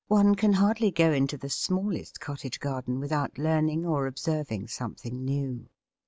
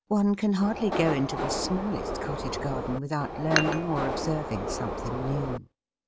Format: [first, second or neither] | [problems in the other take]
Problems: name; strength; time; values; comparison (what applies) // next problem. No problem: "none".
first | background sound (Dishes, pots, and pans + Subway, metro, underground); 2 dB below the speech